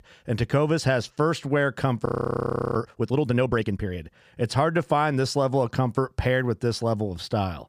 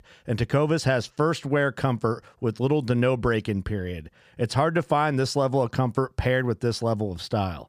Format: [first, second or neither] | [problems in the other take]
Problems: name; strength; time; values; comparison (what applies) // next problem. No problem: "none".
second | audio freezing; at 2 s for 0.5 s